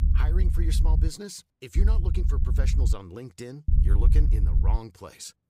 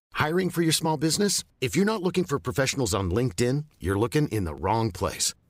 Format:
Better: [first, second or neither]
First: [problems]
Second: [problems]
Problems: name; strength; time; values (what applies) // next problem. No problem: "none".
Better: second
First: low rumble; loud; until 1 s, from 2 to 3 s and from 3.5 to 5 s; 4 dB below the speech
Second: none